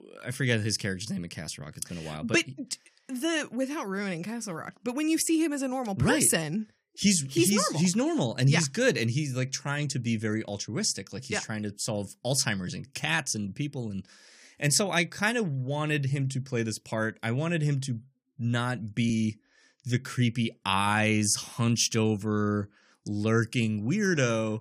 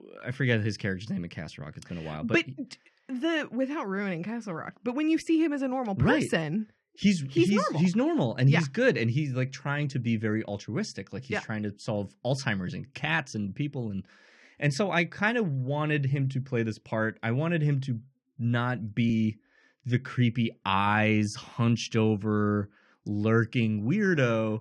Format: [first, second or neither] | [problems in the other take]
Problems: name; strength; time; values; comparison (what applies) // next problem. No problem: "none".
first | muffled; slightly; fading above 3 kHz